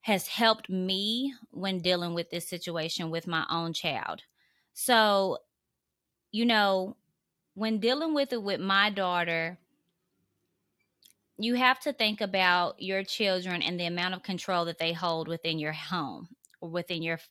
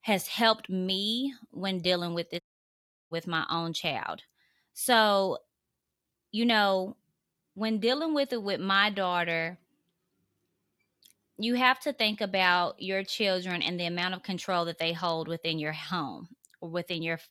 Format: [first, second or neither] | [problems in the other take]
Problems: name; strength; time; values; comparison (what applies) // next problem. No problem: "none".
first | audio cutting out; at 2.5 s for 0.5 s